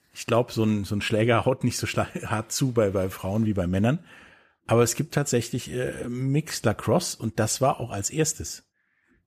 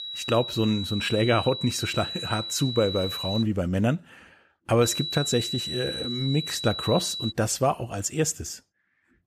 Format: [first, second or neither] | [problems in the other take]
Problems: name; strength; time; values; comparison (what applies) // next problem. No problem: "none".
first | high-pitched whine; loud; until 3.5 s and from 5 to 7.5 s; 4 kHz, 5 dB below the speech